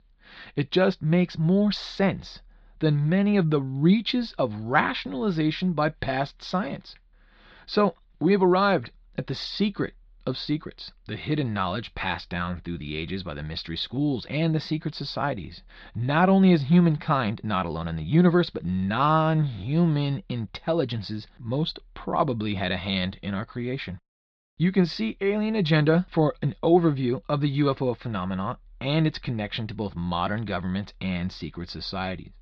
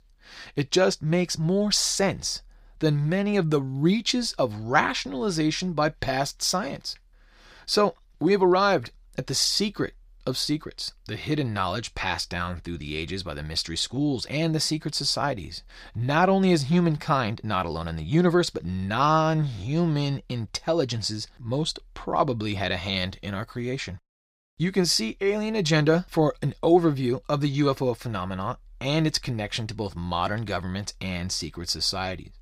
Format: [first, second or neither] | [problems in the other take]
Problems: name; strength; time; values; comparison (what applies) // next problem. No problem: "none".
second | muffled; slightly; fading above 4 kHz